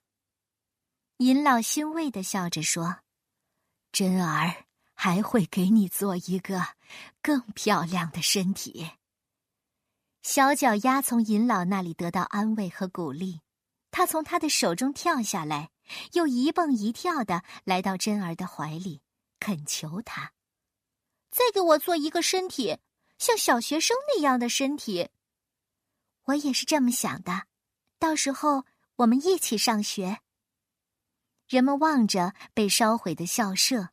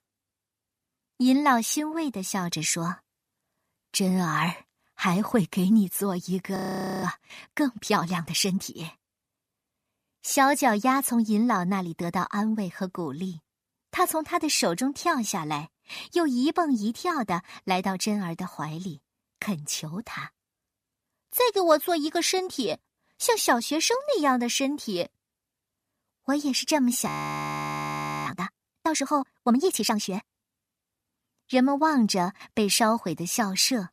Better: first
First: none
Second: audio freezing; at 6.5 s and at 27 s for 1 s

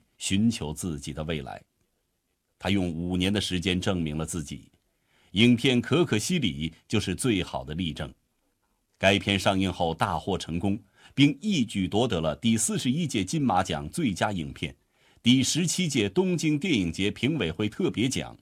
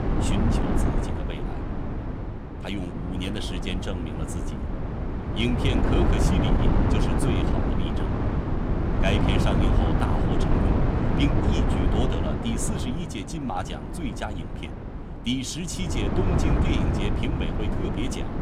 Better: first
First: none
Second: wind noise on the microphone; heavy; 2 dB above the speech

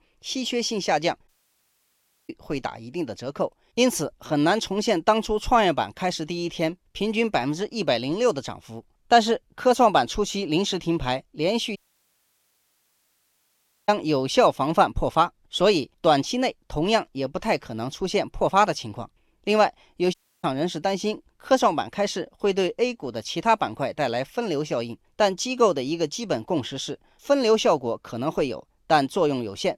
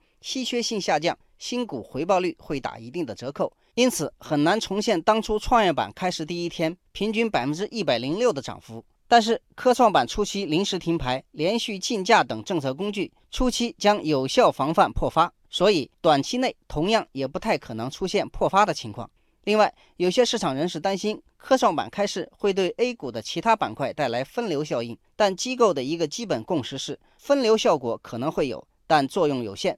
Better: second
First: audio cutting out; at 1.5 s for 1 s, at 12 s for 2 s and at 20 s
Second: none

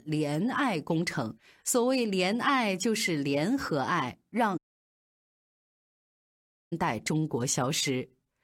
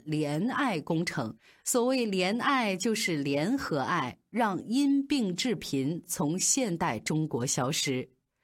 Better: second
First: audio cutting out; at 4.5 s for 2 s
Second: none

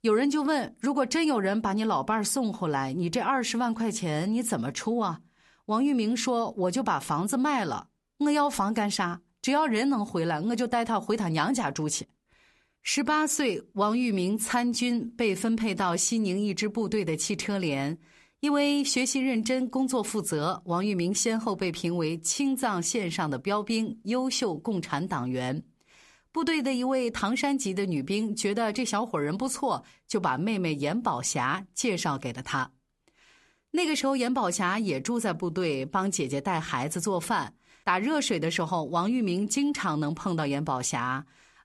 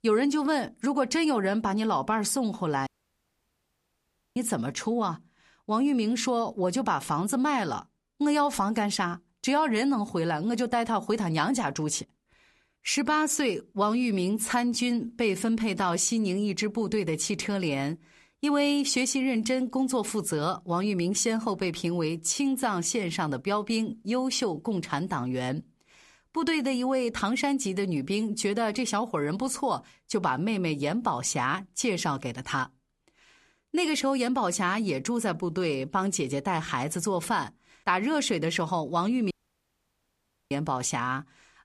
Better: first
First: none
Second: audio cutting out; at 3 s for 1.5 s and at 39 s for 1 s

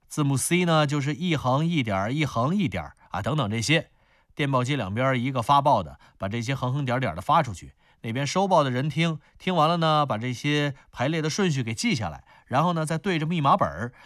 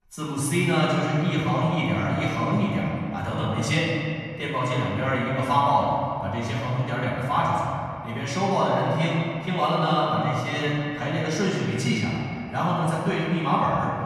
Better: first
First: none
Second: off-mic speech; far // room echo; strong; dies away in 2.3 s

